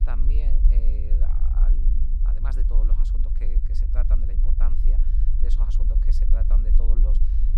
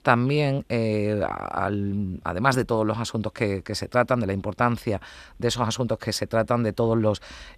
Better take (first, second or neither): second